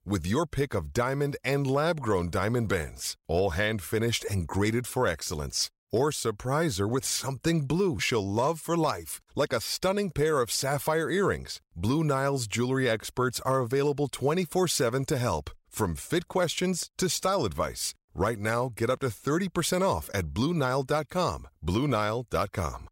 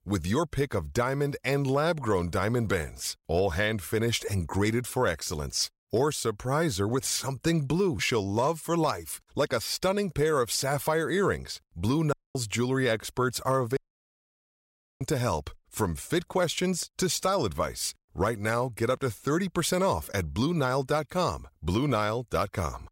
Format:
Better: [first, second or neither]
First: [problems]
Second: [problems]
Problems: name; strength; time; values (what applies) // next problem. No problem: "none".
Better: first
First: none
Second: audio cutting out; at 12 s and at 14 s for 1 s